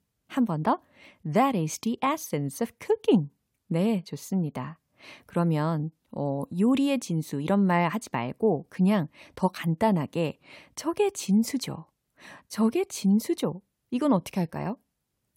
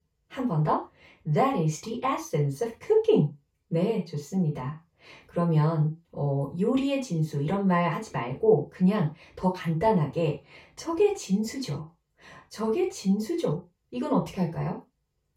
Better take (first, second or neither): first